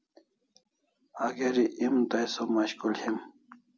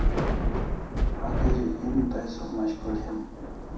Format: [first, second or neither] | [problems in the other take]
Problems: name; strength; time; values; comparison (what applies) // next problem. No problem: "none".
first | background sound (Thunder / Rain); 4 dB above the speech // room echo; dies away in 0.7 s